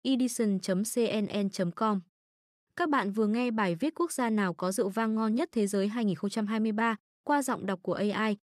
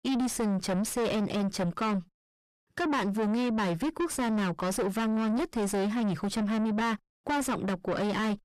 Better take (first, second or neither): first